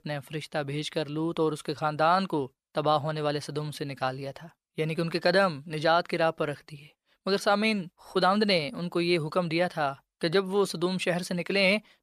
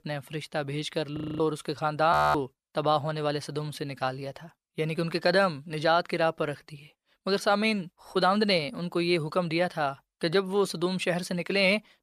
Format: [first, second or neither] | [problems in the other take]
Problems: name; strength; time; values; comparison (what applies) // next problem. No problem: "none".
first | audio freezing; at 1 s and at 2 s